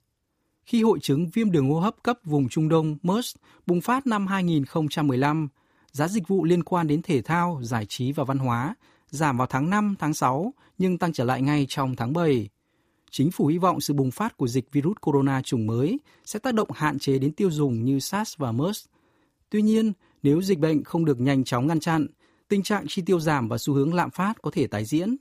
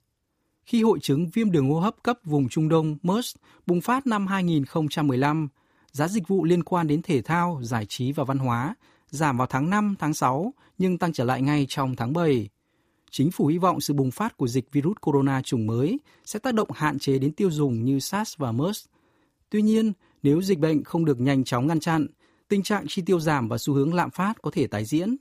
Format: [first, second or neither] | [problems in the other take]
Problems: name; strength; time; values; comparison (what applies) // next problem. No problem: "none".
neither | none